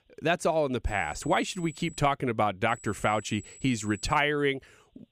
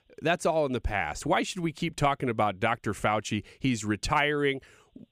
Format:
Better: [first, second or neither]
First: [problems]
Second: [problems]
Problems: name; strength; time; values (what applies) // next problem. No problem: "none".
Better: second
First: high-pitched whine; faint; from 1 to 2 s and from 2.5 to 4 s; 8 kHz, 20 dB below the speech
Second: none